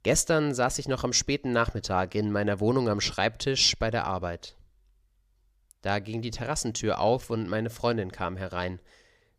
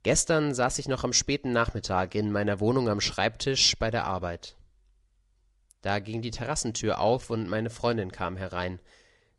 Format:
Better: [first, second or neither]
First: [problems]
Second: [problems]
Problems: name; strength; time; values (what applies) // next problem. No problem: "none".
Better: first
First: none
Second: garbled, watery; slightly